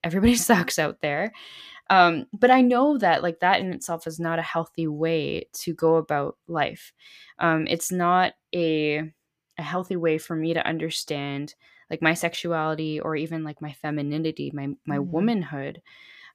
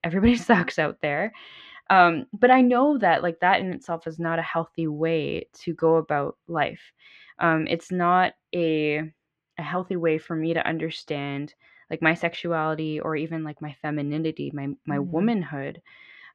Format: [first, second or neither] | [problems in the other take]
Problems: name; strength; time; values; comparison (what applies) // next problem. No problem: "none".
first | muffled; slightly; fading above 2.5 kHz